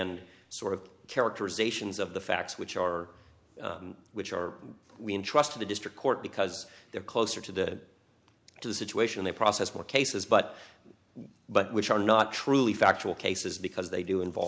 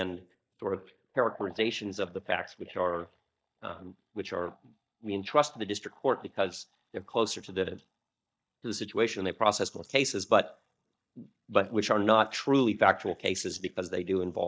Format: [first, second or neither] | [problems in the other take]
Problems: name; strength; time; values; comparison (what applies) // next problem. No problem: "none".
first | noise reduction (neural mask model DeepFilterNet 3)